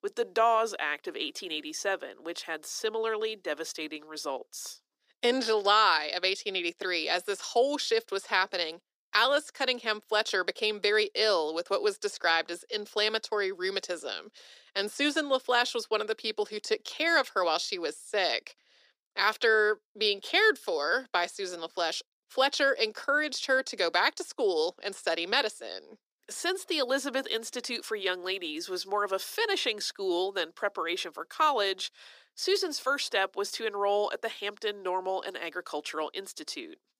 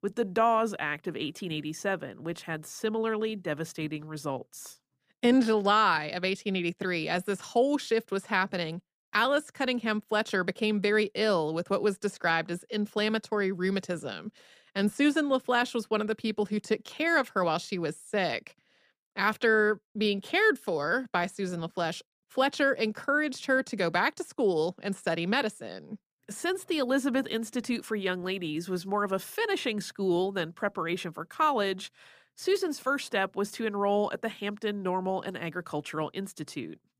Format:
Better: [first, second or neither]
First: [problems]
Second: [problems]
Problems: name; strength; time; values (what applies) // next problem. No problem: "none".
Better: second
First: thin; somewhat; fading below 350 Hz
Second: none